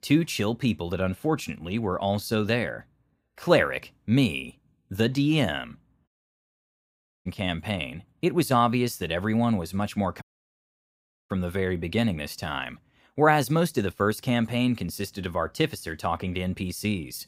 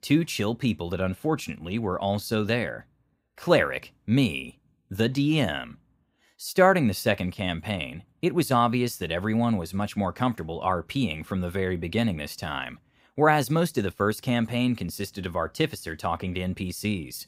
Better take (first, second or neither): second